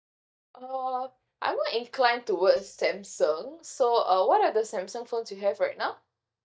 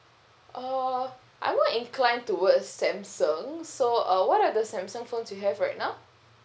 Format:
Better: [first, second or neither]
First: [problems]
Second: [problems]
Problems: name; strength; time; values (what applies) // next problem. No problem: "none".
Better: second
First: noise reduction (neural mask model DeepFilterNet 3)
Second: none